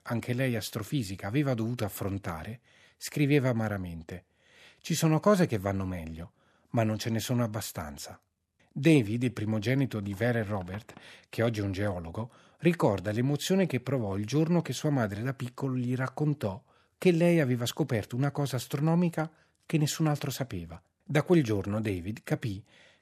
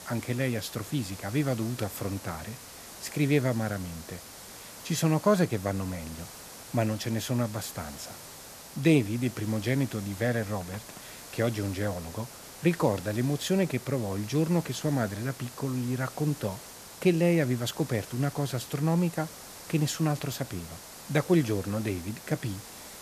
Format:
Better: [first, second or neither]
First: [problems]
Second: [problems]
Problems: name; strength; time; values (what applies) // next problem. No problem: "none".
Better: first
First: none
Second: hiss; noticeable; throughout; 15 dB below the speech